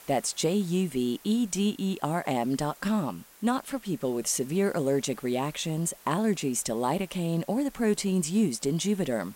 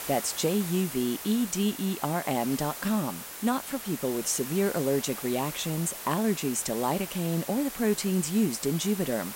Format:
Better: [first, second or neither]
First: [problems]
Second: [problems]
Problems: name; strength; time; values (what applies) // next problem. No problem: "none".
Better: first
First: hiss; faint; throughout; 20 dB below the speech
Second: hiss; loud; throughout; 8 dB below the speech